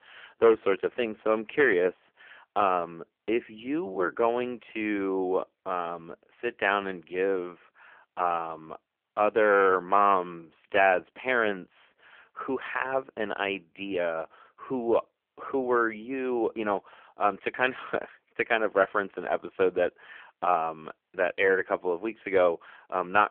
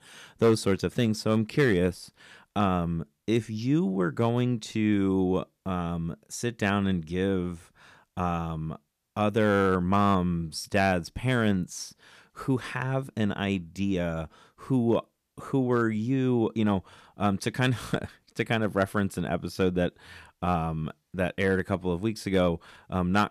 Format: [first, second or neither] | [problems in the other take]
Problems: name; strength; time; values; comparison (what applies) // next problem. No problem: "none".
second | phone-call audio; poor line